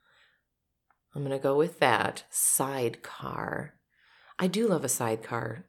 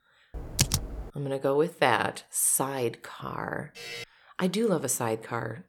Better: first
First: none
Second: keyboard typing; loud; at 0.5 s; peak 1 dB above the speech // alarm; faint; at 4 s; peak 10 dB below the speech

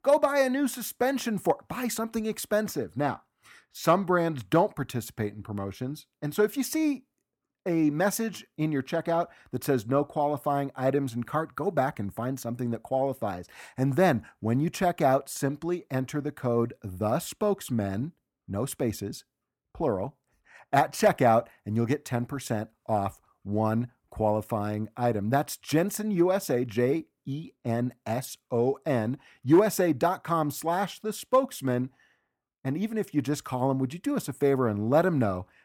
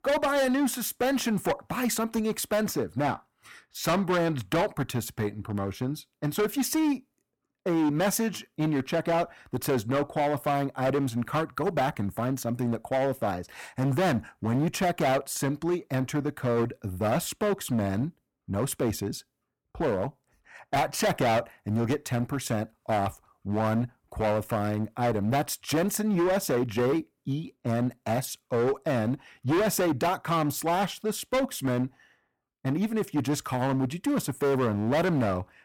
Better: first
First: none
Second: distortion; heavy; 14% of the sound clipped

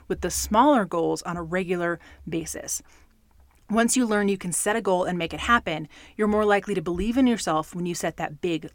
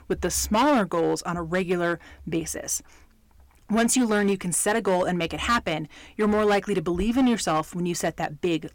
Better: first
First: none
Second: distortion; slight; 7% of the sound clipped

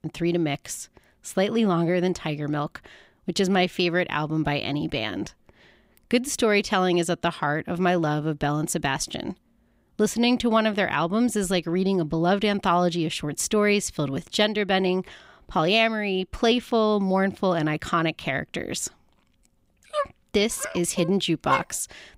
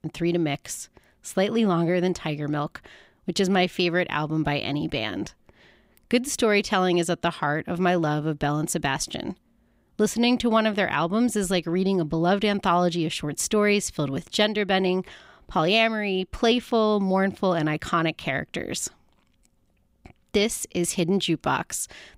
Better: second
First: dog barking; noticeable; from 20 to 22 s; peak 4 dB below the speech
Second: none

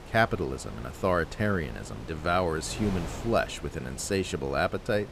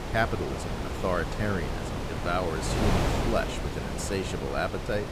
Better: first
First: wind noise on the microphone; occasional gusts; 15 dB below the speech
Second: wind noise on the microphone; heavy; 3 dB below the speech

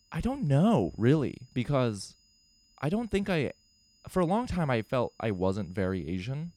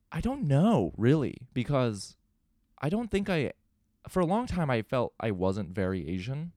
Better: second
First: high-pitched whine; faint; throughout; 5 kHz, 35 dB below the speech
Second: none

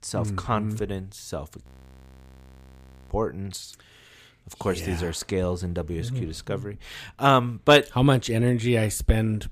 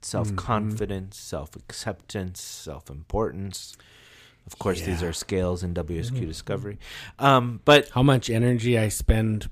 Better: second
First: audio freezing; at 1.5 s for 1.5 s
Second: none

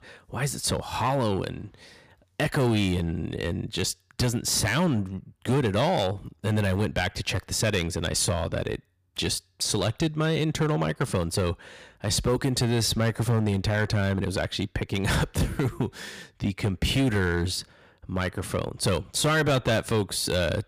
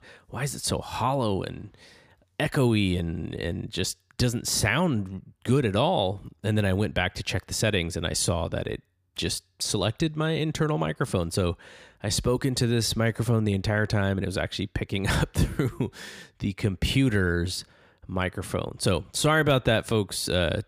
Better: second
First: distortion; slight; 8% of the sound clipped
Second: none

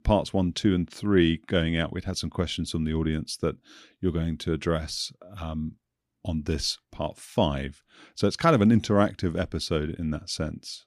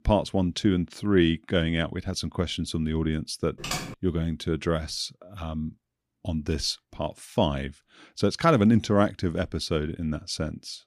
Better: first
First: none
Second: keyboard typing; noticeable; at 3.5 s; peak 5 dB below the speech

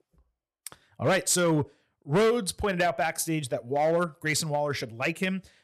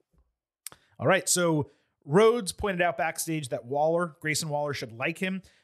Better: second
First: distortion; slight; 6% of the sound clipped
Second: none

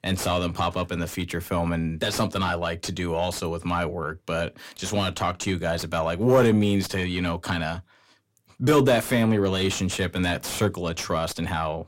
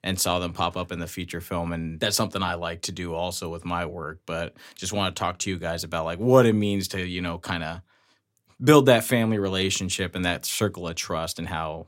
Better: second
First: distortion; heavy; 7 dB below the speech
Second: none

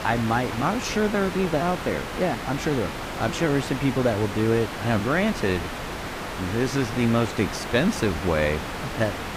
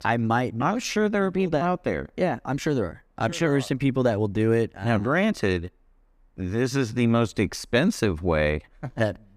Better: second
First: hiss; loud; throughout; 7 dB below the speech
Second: none

